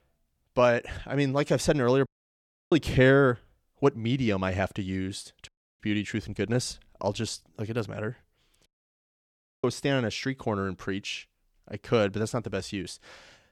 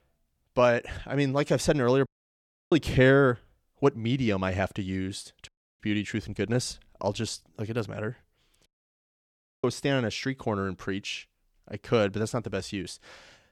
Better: neither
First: audio cutting out; at 2 s for 0.5 s, at 5.5 s and at 8.5 s for 1 s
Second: audio cutting out; at 2 s for 0.5 s, at 5.5 s and at 8.5 s for 1 s

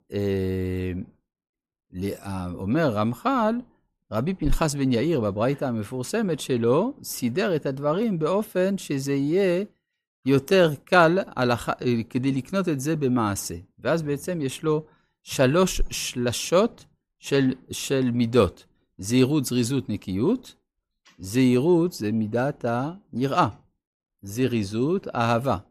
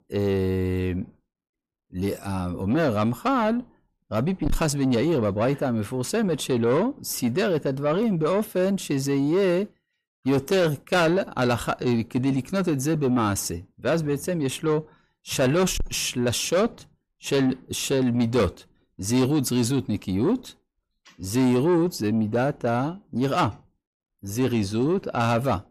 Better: first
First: none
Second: distortion; slight; 10 dB below the speech

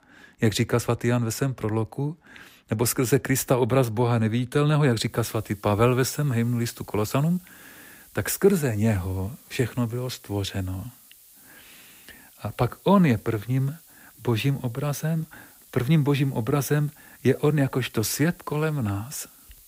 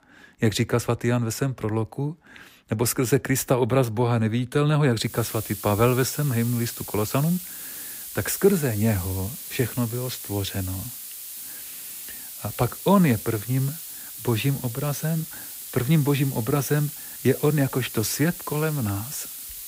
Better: first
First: hiss; faint; from 5 s on; 25 dB below the speech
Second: hiss; loud; from 5 s on; 9 dB below the speech

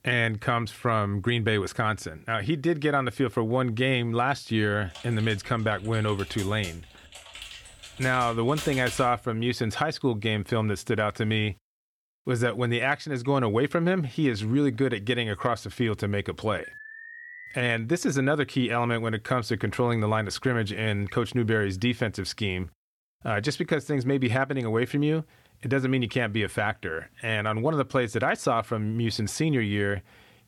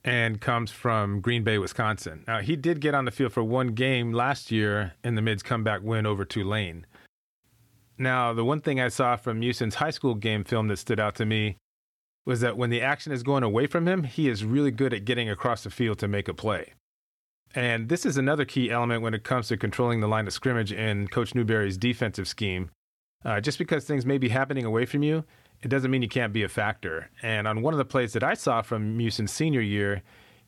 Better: second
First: keyboard typing; noticeable; from 5 to 9 s; peak 8 dB below the speech // alarm; faint; at 17 s; peak 15 dB below the speech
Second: none

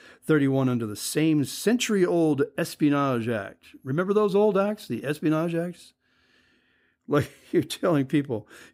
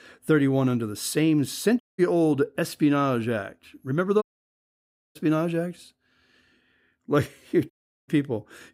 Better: first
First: none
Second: audio cutting out; at 2 s, at 4 s for 1 s and at 7.5 s

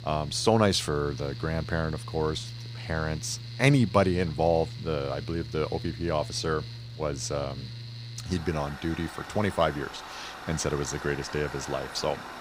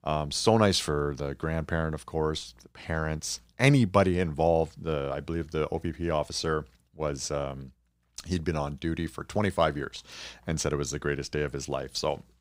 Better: second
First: machinery noise; noticeable; throughout; 10 dB below the speech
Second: none

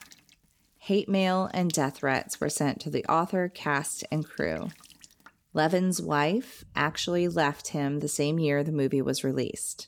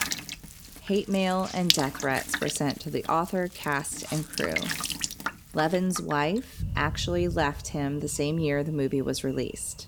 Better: first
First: rain or running water; faint; throughout; 25 dB below the speech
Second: rain or running water; loud; throughout; 4 dB below the speech

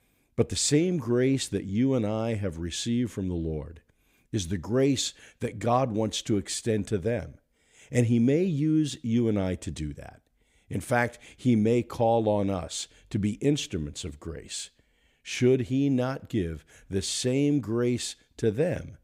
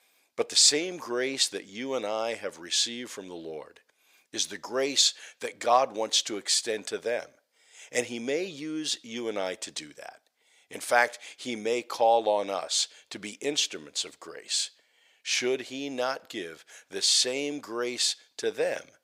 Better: first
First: none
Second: thin; very; fading below 700 Hz

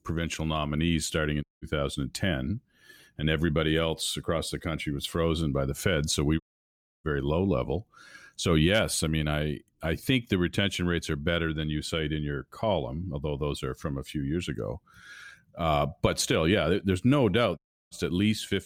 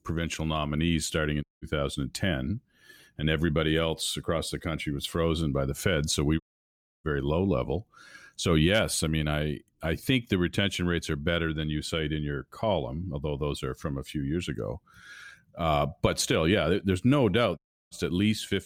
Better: neither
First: audio cutting out; at 1.5 s, at 6.5 s for 0.5 s and at 18 s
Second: audio cutting out; at 1.5 s, at 6.5 s for 0.5 s and at 18 s

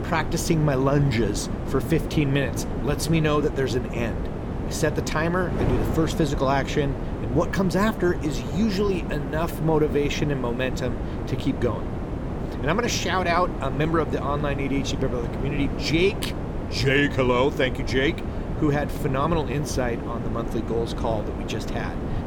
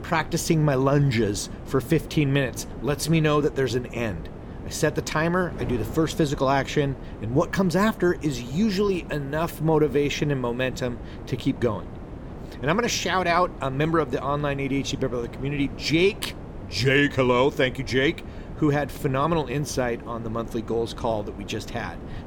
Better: second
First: wind noise on the microphone; heavy; 8 dB below the speech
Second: wind noise on the microphone; occasional gusts; 15 dB below the speech

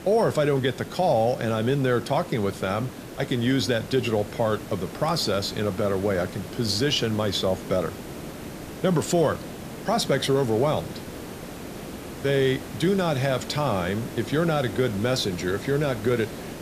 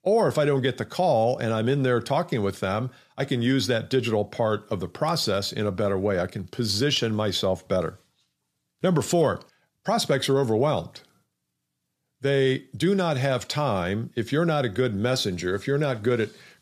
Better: second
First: hiss; noticeable; throughout; 10 dB below the speech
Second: none

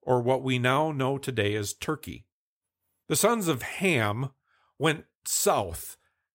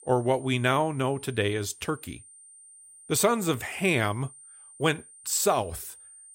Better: first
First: none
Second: high-pitched whine; faint; throughout; 9 kHz, 20 dB below the speech

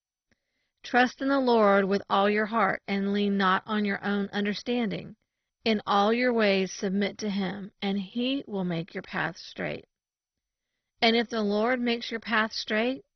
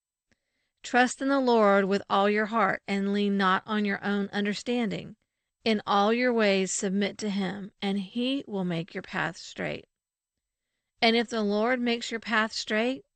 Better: second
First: garbled, watery; badly; nothing above 6 kHz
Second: garbled, watery; slightly; nothing above 8.5 kHz

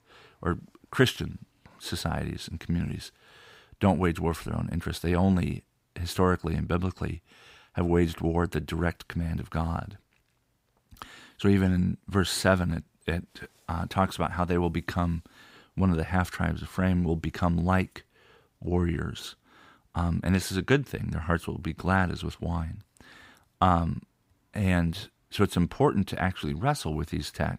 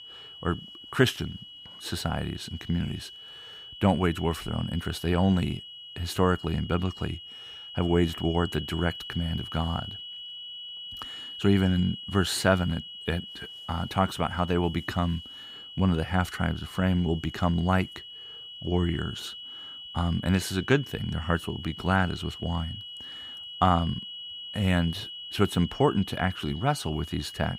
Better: first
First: none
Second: high-pitched whine; noticeable; throughout; 3 kHz, 10 dB below the speech

